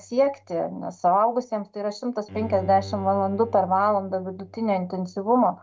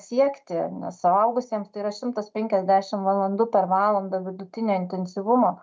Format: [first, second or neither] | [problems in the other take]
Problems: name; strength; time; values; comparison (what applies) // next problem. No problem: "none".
second | background sound (Bowed string instrument); 18 dB below the speech